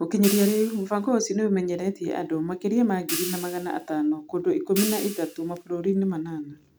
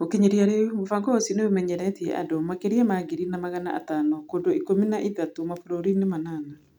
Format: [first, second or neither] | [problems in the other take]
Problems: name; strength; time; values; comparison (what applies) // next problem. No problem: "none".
second | background sound (Hi-hat); 11 dB below the speech